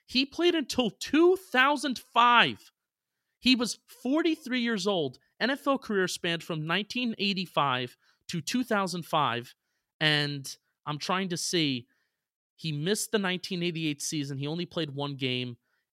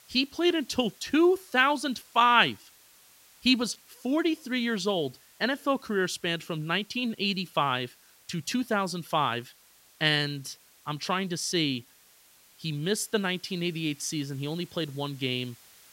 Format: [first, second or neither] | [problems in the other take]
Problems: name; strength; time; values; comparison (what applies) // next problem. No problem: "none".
first | hiss; faint; throughout; 25 dB below the speech